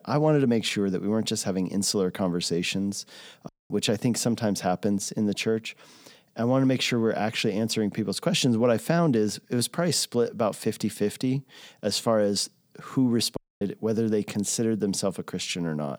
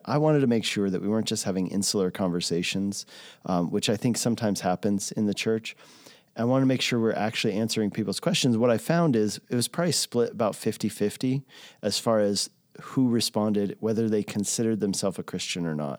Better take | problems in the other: second | audio cutting out; at 3.5 s and at 13 s

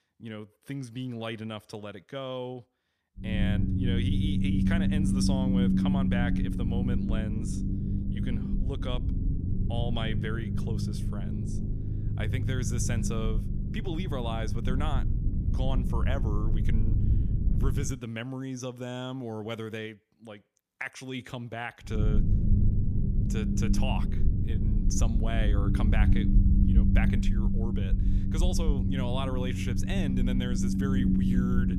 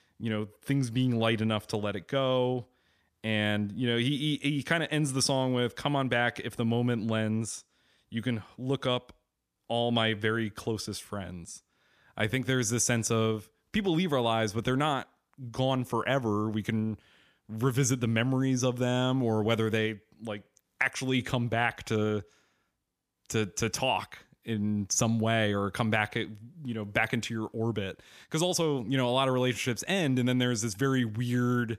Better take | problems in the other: second | low rumble; loud; from 3.5 to 18 s and from 22 s on; 1 dB below the speech

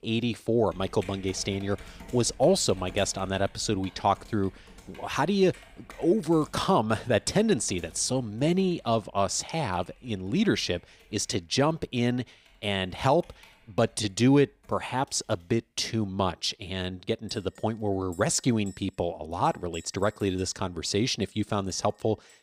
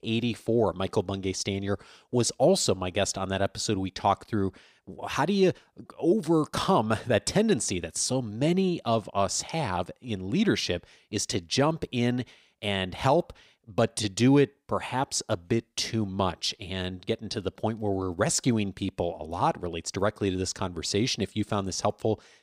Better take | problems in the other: second | household noises; faint; throughout; 25 dB below the speech

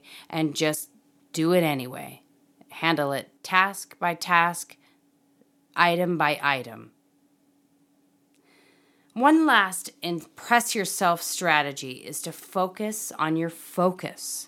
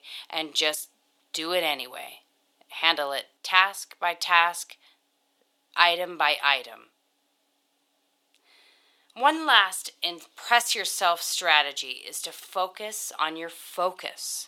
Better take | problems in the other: first | thin; very; fading below 650 Hz

